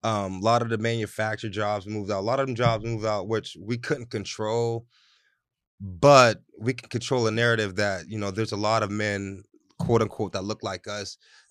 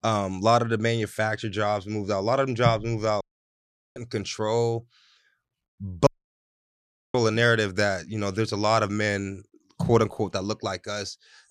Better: first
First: none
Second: audio cutting out; at 3 s for 1 s and at 6 s for 1 s

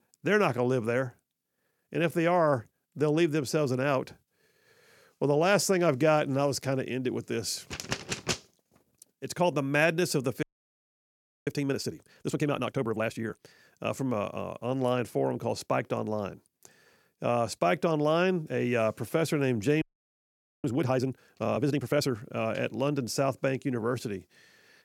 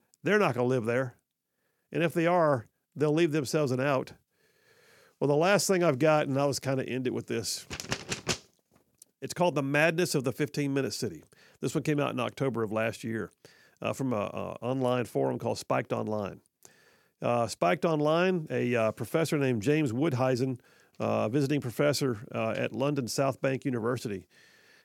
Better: second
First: audio freezing; at 10 s for 1 s and at 20 s for 1 s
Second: none

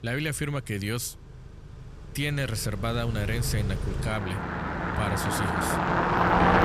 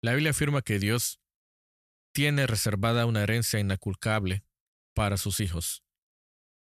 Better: second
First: traffic noise; very loud; throughout; 3 dB above the speech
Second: none

